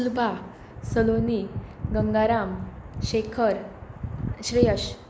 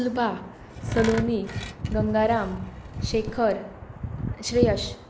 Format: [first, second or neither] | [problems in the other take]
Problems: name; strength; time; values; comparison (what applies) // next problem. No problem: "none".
first | background sound (Tools); 13 dB below the speech